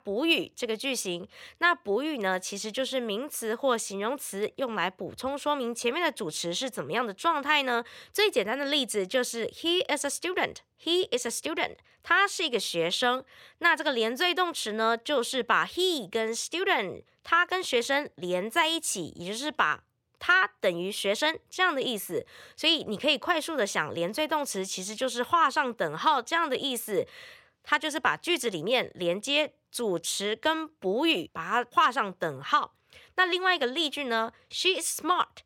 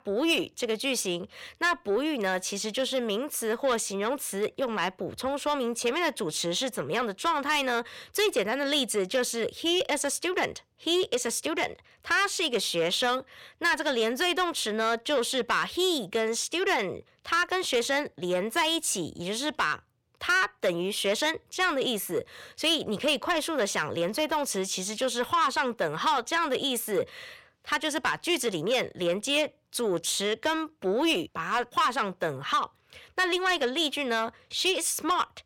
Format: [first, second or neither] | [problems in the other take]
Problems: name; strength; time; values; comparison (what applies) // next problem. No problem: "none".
first | distortion; slight; 10 dB below the speech